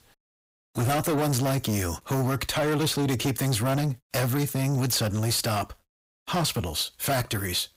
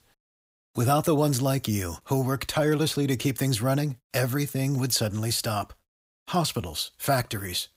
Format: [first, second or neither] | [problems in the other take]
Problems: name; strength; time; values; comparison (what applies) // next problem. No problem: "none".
second | distortion; heavy; 8 dB below the speech